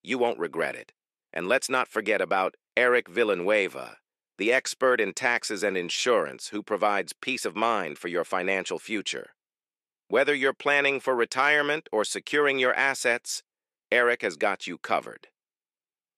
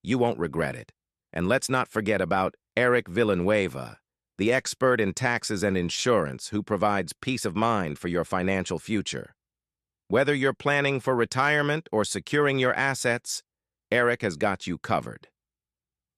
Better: second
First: thin; somewhat; fading below 400 Hz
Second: none

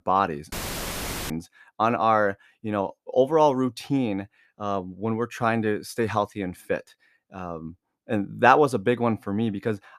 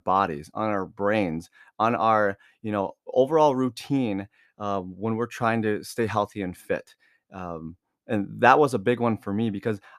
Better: second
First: audio cutting out; filled with static; at 0.5 s for 1 s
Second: none

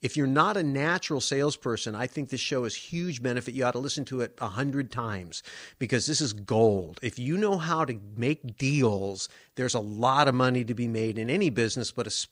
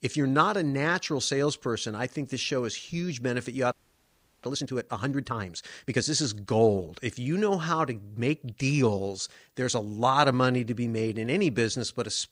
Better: first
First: none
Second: audio freezing; at 3.5 s for 0.5 s

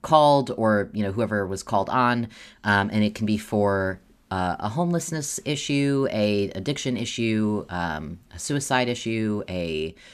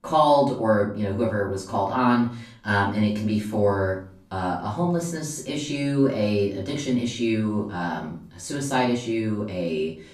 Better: first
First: none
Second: off-mic speech; far // room echo; slight; dies away in 0.4 s

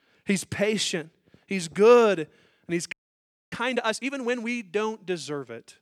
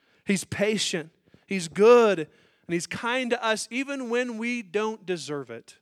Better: second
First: audio freezing; at 3 s for 0.5 s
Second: none

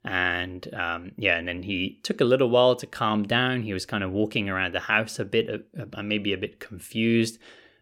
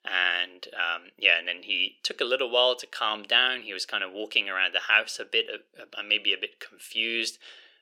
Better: first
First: none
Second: thin; very; fading below 450 Hz

